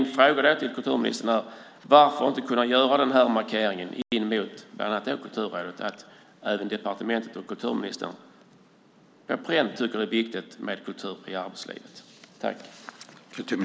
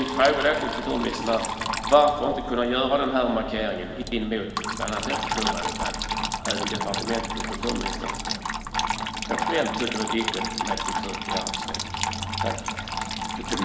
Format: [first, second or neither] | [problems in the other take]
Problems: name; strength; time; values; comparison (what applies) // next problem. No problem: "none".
first | background sound (Trickle, dribble / Water tap, faucet); 3 dB below the speech // room echo; dies away in 2.2 s